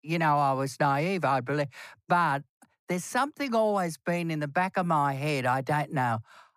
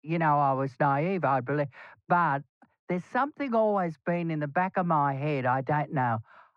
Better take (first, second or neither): first